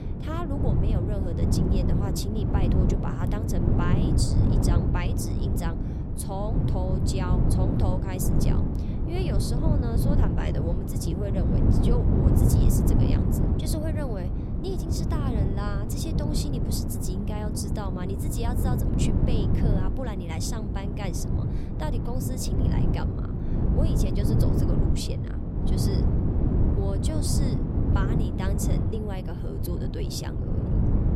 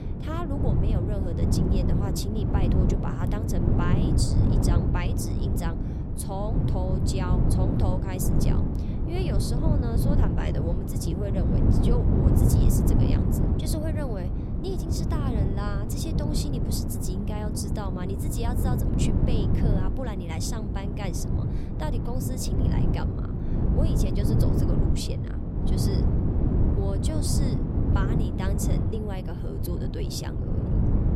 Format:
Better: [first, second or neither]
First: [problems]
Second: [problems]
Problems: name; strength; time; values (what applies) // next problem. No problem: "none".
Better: neither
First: wind noise on the microphone; heavy; 1 dB above the speech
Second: wind noise on the microphone; heavy; 1 dB above the speech